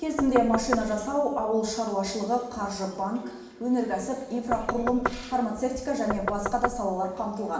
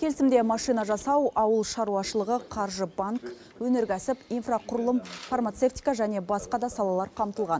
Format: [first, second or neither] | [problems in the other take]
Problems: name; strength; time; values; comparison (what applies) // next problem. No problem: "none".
second | background sound (Knock); 6 dB below the speech // room echo; dies away in 0.9 s